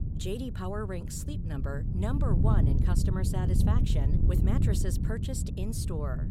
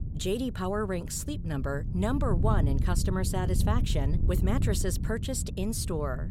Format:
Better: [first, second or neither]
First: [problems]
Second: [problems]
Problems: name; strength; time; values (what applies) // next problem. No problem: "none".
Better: second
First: wind noise on the microphone; heavy; 2 dB below the speech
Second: wind noise on the microphone; occasional gusts; 10 dB below the speech